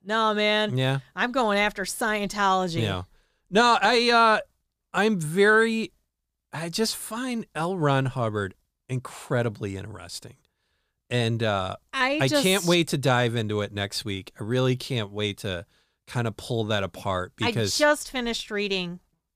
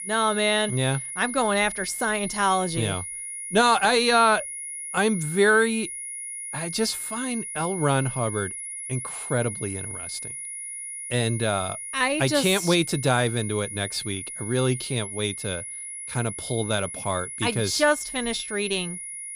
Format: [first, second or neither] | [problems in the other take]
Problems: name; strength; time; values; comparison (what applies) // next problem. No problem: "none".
first | high-pitched whine; loud; throughout; 10.5 kHz, 8 dB below the speech